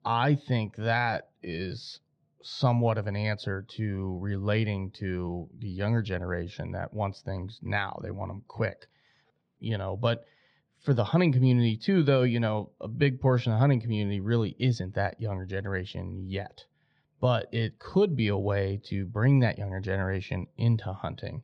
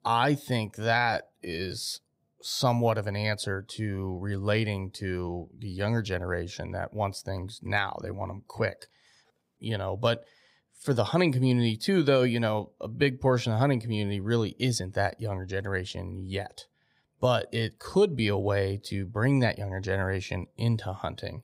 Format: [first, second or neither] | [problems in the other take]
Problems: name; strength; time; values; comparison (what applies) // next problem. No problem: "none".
second | muffled; very slightly; fading above 4 kHz